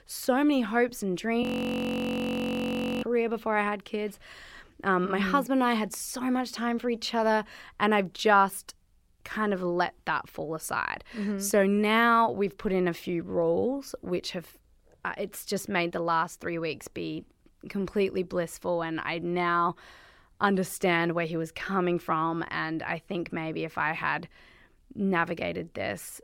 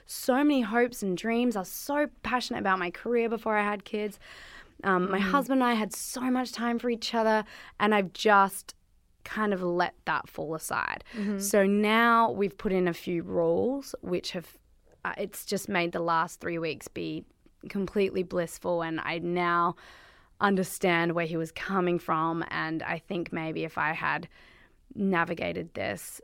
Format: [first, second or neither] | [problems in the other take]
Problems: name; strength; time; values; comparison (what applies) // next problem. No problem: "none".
second | audio freezing; at 1.5 s for 1.5 s